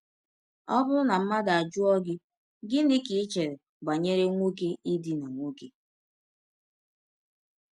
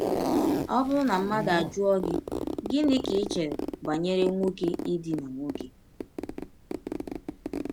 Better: first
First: none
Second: background sound (Zipper (clothing)); 4 dB below the speech

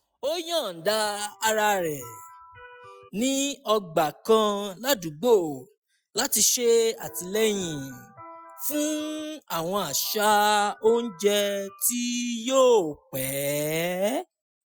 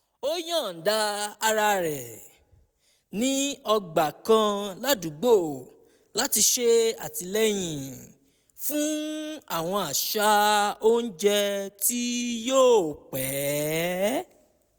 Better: second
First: noise reduction (classical method Wiener filter)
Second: none

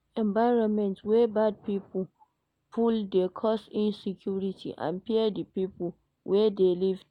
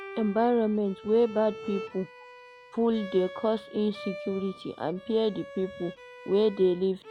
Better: first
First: none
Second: background sound (Bowed string instrument); 16 dB below the speech

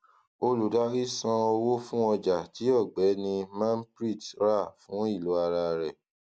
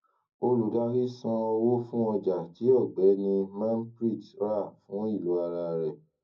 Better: first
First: none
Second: room echo; dies away in 0.4 s

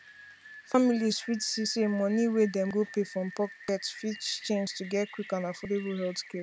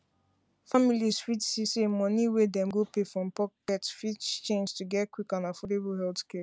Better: second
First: background sound (Rain); 18 dB below the speech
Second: none

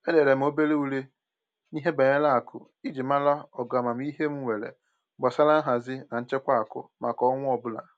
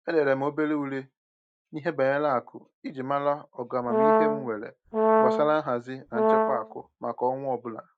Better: first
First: none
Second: noise reduction (neural mask model DeepFilterNet 3)

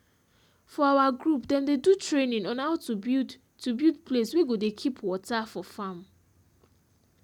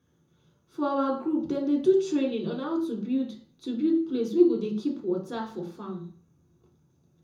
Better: first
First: none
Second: room echo; dies away in 0.6 s

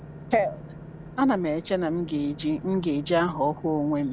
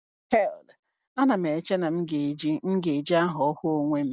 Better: second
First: background sound (Engine / Boat, Water vehicle); 15 dB below the speech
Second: none

